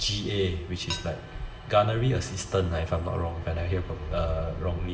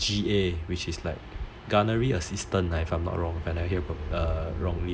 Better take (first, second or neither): second